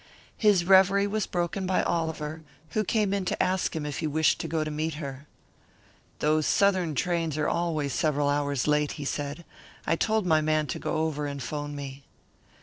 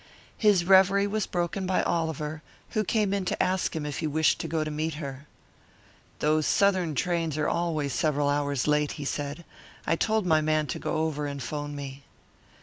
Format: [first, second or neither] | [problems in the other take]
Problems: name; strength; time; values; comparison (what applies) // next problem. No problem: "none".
second | noise reduction (neural separator model SepFormer DNS4)